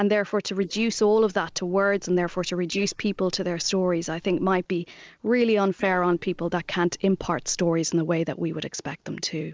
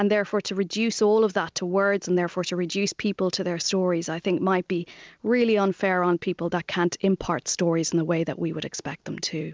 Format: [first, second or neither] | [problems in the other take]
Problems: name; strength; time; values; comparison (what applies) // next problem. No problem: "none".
second | noise reduction (neural mask model Resemble Enhance denoiser)